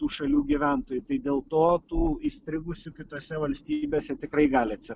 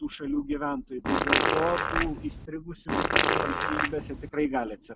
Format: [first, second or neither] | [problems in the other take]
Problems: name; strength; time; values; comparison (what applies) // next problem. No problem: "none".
first | background sound (Fart); 4 dB above the speech